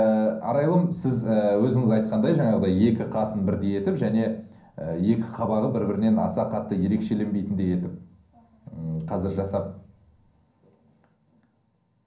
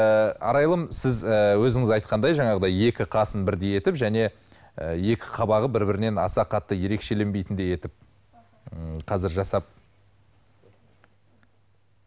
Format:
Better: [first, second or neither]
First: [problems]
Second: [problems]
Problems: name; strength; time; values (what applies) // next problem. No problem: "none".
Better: second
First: room echo; dies away in 0.6 s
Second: none